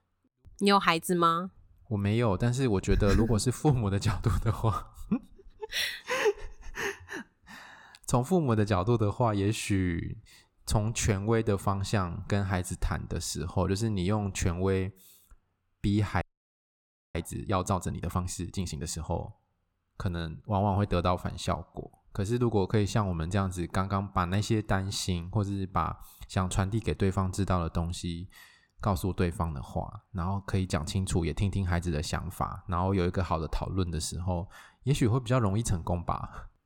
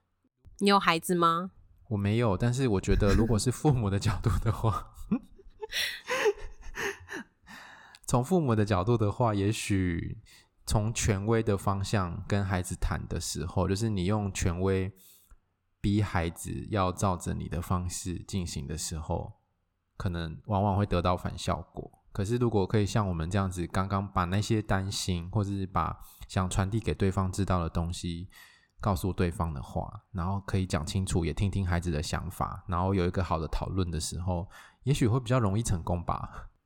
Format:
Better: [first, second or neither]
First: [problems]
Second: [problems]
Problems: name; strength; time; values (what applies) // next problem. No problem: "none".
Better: second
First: audio freezing; at 16 s for 1 s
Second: none